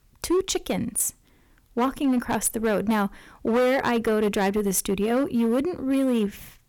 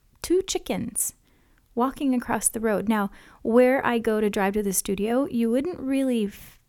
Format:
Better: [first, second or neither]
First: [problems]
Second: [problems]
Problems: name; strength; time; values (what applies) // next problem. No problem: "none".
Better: second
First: distortion; slight; 11% of the sound clipped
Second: none